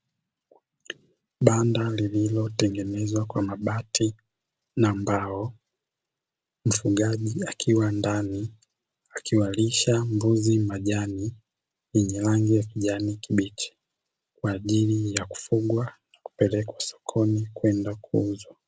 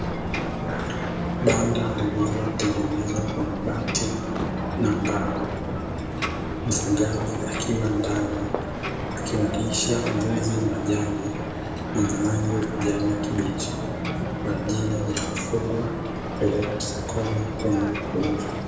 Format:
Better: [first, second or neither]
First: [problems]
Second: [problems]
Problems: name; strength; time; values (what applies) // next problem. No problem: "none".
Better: first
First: none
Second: background sound (Ocean); 2 dB below the speech // room echo; dies away in 0.9 s